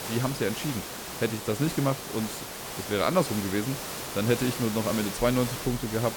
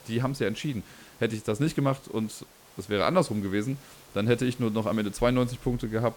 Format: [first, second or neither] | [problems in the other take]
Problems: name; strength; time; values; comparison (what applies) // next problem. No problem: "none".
second | hiss; loud; throughout; 6 dB below the speech; faint in the second